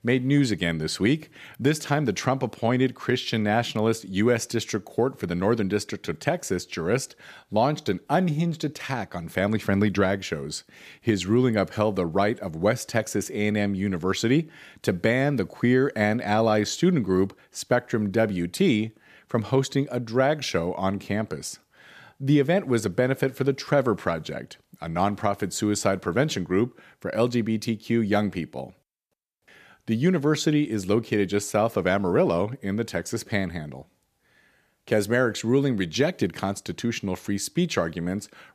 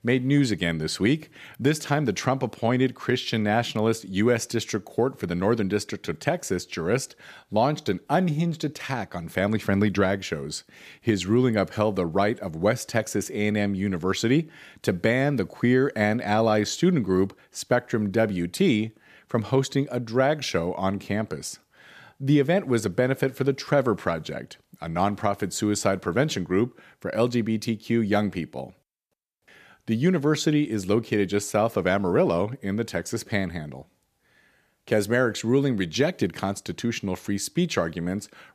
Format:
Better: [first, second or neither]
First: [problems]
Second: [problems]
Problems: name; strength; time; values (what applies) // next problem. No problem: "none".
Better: neither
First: none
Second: none